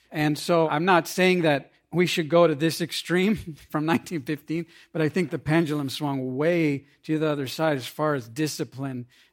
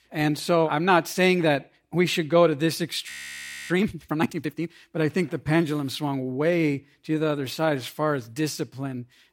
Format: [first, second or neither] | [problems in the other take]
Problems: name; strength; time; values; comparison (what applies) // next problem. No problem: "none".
first | audio freezing; at 3 s for 0.5 s